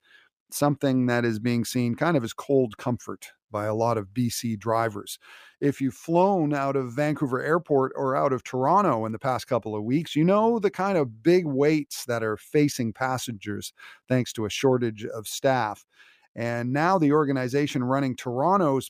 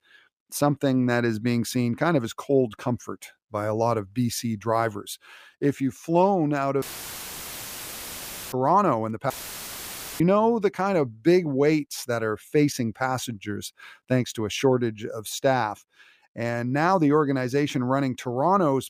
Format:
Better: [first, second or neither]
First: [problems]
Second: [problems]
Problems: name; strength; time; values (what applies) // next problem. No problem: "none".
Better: first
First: none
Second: audio cutting out; filled with static; at 7 s for 1.5 s and at 9.5 s for 1 s